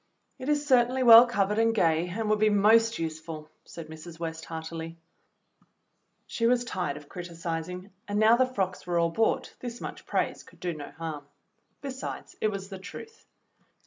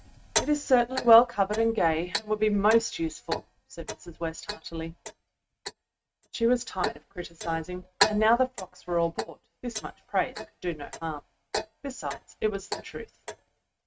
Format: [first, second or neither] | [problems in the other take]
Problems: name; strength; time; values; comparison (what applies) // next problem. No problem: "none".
first | noise reduction (neural mask model RNNoise)